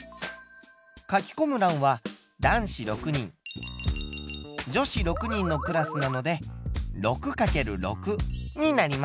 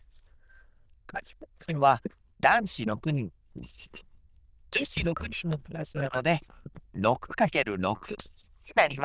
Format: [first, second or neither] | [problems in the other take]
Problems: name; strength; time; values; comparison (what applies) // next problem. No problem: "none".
first | noise reduction (neural diffusion model UNIVERSE++)